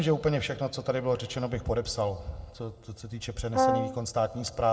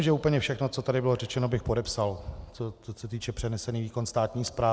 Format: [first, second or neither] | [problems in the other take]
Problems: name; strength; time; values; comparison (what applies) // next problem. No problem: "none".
second | background sound (Brass instrument); 2 dB above the speech // room echo; dies away in 0.8 s